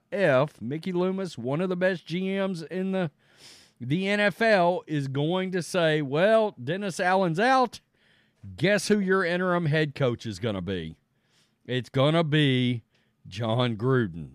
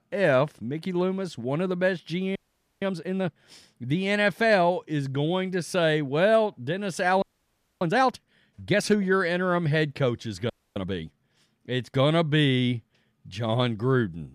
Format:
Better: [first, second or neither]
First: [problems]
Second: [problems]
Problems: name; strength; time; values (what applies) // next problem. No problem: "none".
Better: first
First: none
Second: audio freezing; at 2.5 s, at 7 s for 0.5 s and at 11 s